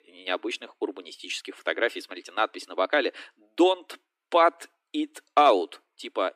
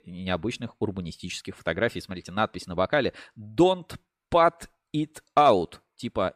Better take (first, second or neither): second